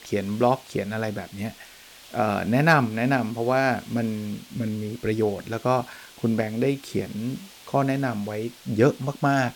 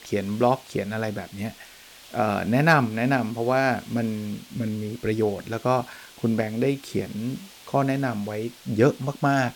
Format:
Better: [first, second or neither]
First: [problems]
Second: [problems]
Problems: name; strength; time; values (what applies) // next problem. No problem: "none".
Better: neither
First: hiss; faint; throughout; 20 dB below the speech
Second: hiss; faint; throughout; 20 dB below the speech